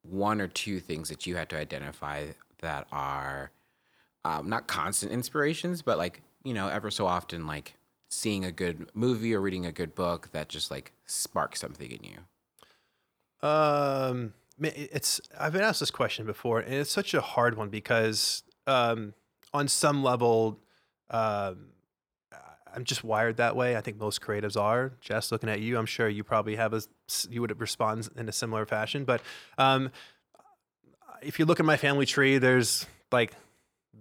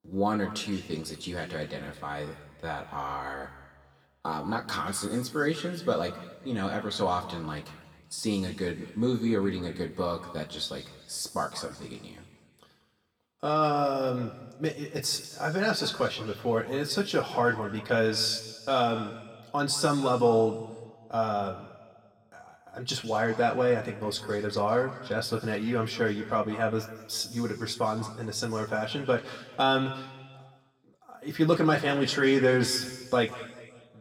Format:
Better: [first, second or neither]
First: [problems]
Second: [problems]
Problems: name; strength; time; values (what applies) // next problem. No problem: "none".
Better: first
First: none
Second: room echo; slight; dies away in 1.6 s // off-mic speech; somewhat distant